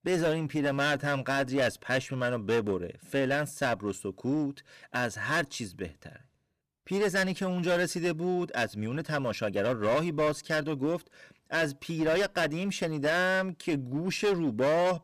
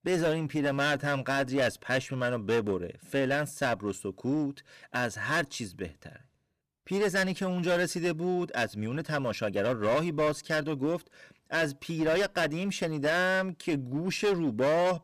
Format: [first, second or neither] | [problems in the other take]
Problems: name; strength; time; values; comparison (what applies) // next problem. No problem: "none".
neither | distortion; slight; 11% of the sound clipped; the same in both